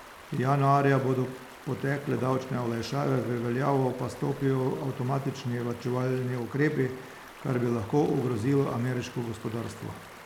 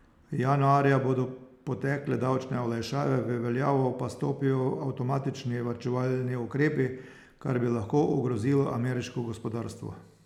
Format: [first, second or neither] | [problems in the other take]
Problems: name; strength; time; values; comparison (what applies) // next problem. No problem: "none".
second | background sound (Stream); 18 dB below the speech